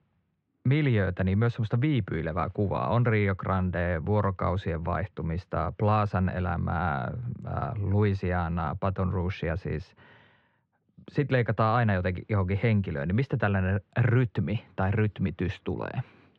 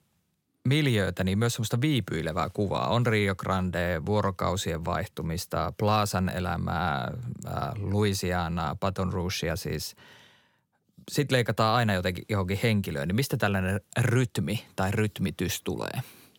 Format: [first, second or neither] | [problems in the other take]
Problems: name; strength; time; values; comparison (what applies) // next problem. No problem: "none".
second | muffled; very; fading above 2.5 kHz